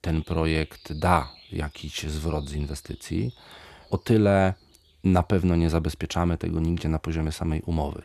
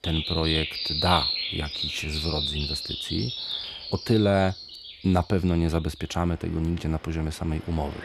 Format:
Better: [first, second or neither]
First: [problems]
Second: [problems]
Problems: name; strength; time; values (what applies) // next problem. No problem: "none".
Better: first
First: animal sounds; faint; throughout; 25 dB below the speech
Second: animal sounds; loud; throughout; 2 dB below the speech